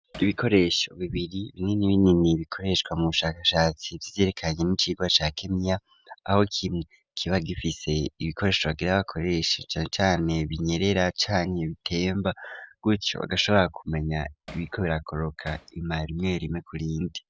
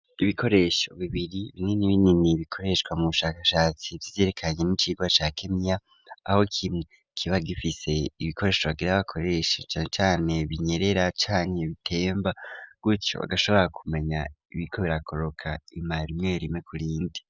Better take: second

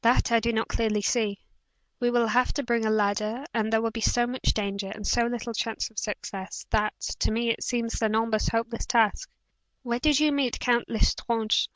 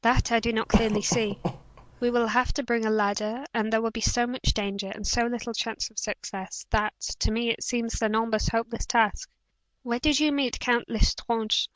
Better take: first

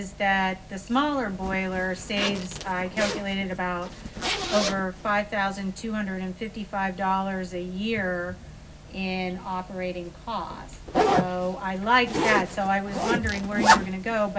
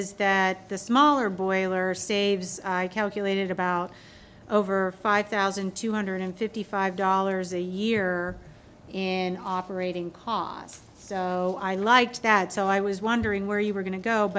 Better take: second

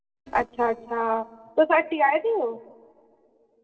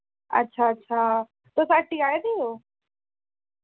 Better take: second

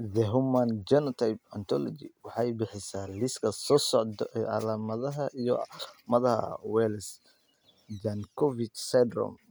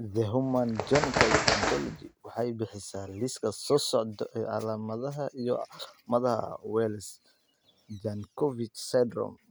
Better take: first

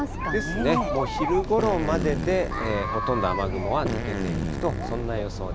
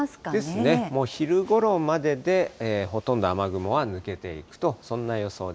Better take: second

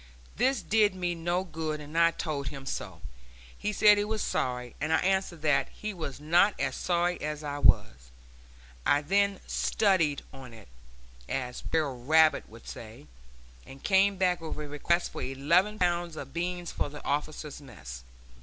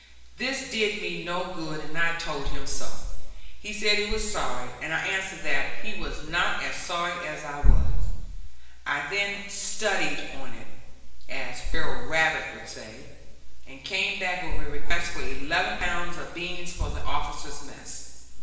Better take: first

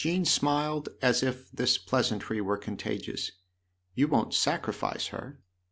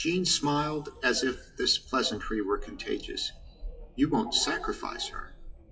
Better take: first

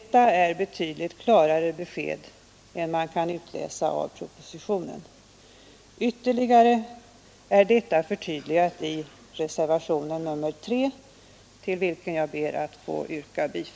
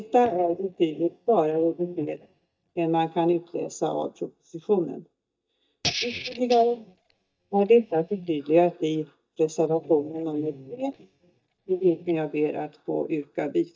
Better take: first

